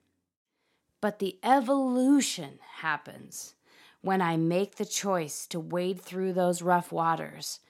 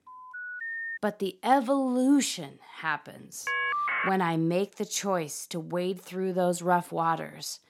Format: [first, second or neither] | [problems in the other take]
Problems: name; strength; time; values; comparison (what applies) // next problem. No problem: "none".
first | phone ringing; noticeable; at the start; peak 5 dB below the speech // phone ringing; loud; at 3.5 s; peak 1 dB above the speech